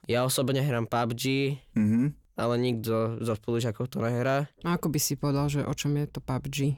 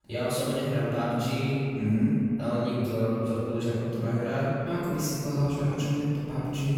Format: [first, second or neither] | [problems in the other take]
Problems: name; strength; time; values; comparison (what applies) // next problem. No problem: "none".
first | off-mic speech; far // room echo; strong; dies away in 2.8 s